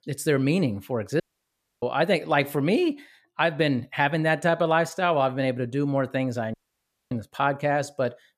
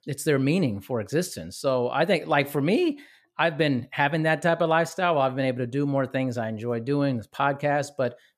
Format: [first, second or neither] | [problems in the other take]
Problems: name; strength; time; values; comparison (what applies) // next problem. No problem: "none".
second | audio cutting out; at 1 s for 0.5 s and at 6.5 s for 0.5 s